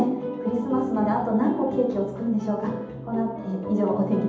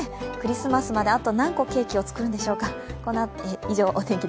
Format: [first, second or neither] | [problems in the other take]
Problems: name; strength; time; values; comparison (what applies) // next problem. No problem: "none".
second | room echo; dies away in 0.8 s